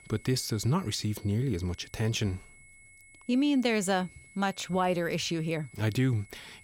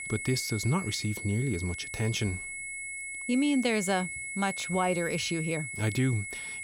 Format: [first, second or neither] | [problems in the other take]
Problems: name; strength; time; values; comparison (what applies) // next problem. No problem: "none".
first | high-pitched whine; loud; throughout; 2 kHz, 6 dB below the speech; faint in the first